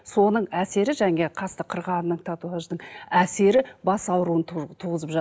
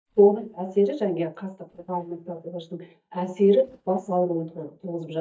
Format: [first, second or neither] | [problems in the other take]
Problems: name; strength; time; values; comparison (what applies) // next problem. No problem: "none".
first | noise reduction (neural mask model DeepFilterNet 3)